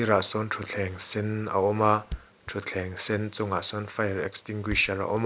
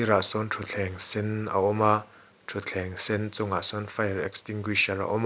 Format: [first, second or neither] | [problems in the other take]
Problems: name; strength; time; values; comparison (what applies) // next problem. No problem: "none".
second | background sound (Thump, thud); 18 dB below the speech